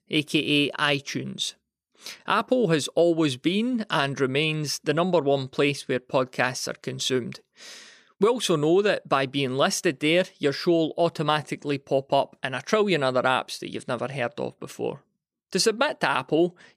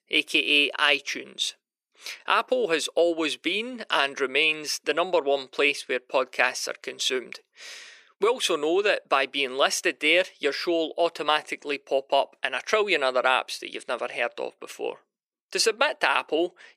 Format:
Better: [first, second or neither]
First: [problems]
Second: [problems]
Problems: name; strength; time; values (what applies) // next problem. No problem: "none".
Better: first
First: none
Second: thin; somewhat; fading below 400 Hz